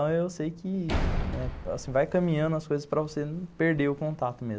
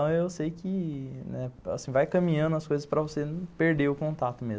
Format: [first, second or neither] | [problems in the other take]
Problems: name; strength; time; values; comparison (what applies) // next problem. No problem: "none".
second | background sound (Slam); 3 dB below the speech